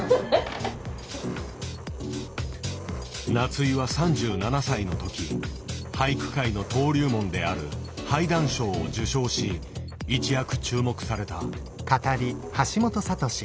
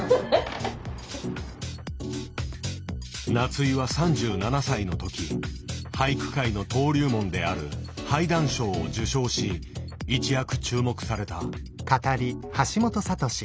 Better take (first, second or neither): second